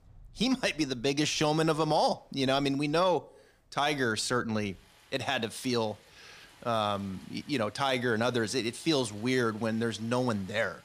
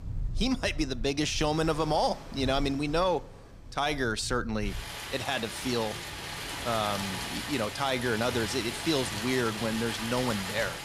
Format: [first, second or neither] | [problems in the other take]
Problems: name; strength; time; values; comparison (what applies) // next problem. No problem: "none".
first | rain or running water; loud; throughout; 6 dB below the speech; faint in the first